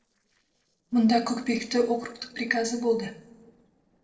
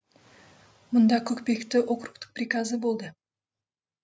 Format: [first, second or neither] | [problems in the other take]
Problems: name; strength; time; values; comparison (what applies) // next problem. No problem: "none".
second | noise reduction (neural separator model SepFormer DNS4)